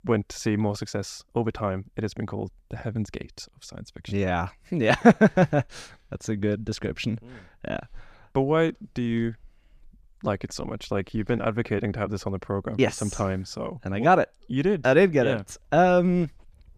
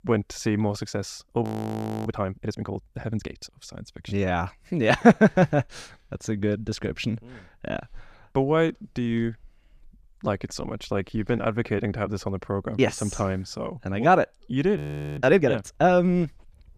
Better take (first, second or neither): first